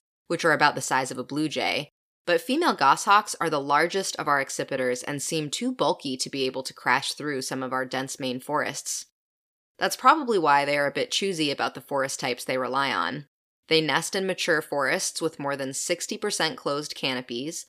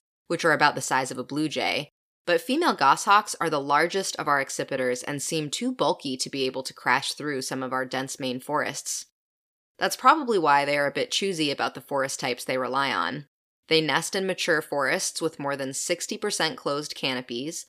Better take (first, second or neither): neither